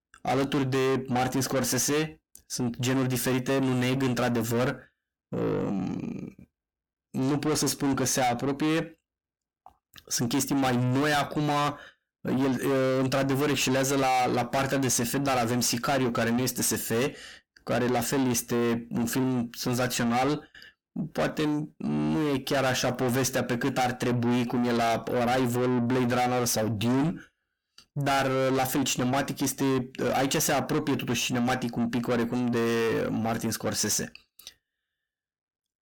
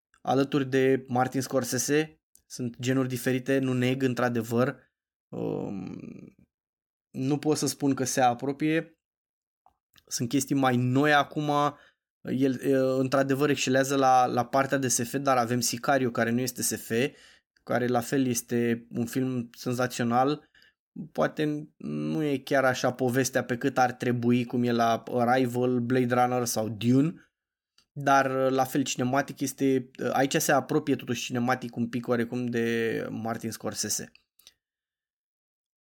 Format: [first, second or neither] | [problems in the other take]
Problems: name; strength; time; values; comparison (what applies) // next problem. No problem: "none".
second | distortion; heavy; 6 dB below the speech